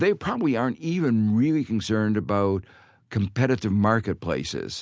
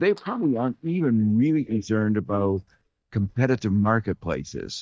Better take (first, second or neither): first